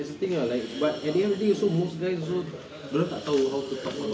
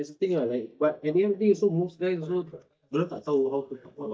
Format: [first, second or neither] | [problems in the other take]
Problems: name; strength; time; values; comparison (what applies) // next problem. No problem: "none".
first | noise reduction (neural mask model DeepFilterNet 3)